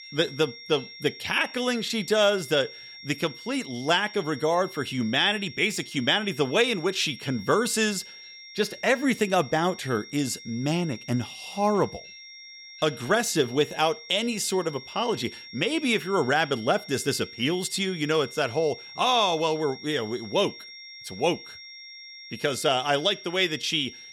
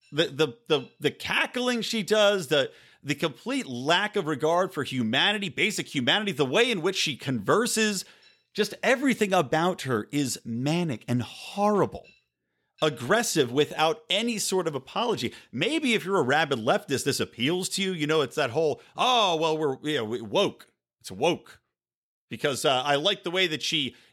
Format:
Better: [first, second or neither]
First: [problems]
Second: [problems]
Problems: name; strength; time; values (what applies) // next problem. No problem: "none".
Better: second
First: high-pitched whine; noticeable; throughout; 2 kHz, 15 dB below the speech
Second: none